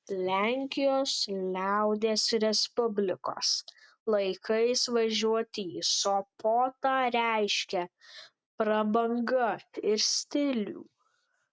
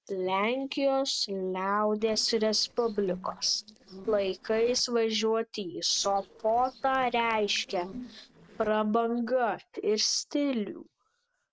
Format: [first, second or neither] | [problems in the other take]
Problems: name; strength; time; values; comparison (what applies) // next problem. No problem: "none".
first | noise reduction (neural separator model SepFormer DNS4)